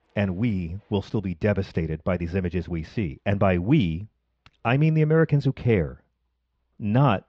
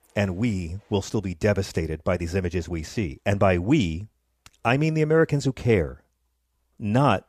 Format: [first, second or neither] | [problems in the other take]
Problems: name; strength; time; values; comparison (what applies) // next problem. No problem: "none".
second | muffled; slightly; fading above 4 kHz